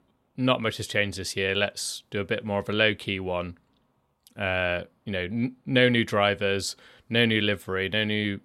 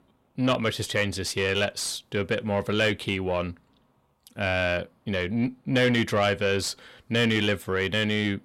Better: first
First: none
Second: distortion; slight; 10 dB below the speech

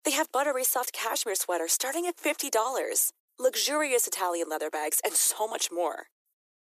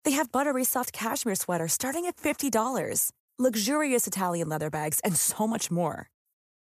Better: second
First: thin; very; fading below 350 Hz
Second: none

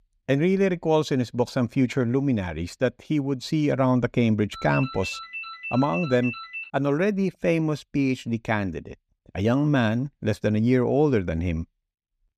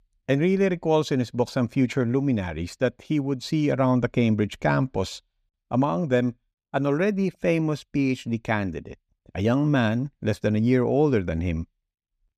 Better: second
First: phone ringing; noticeable; from 4.5 to 6.5 s; peak 8 dB below the speech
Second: none

